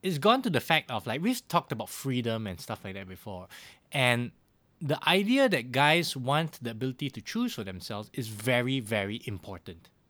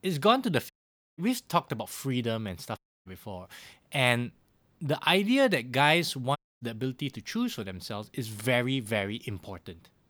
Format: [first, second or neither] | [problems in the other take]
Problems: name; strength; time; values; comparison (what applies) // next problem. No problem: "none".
first | audio cutting out; at 0.5 s, at 3 s and at 6.5 s